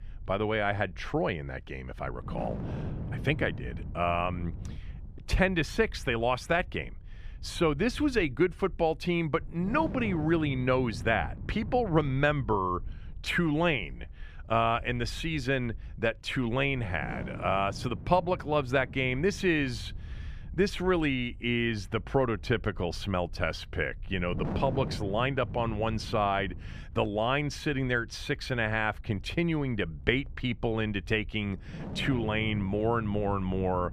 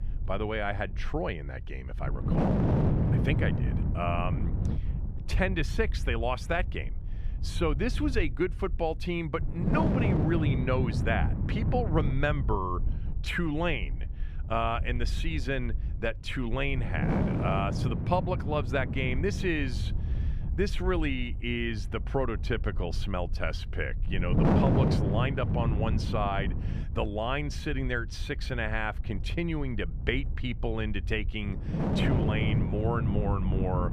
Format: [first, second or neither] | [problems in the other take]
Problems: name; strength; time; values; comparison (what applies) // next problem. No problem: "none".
first | wind noise on the microphone; heavy; 5 dB below the speech; occasional gusts in the first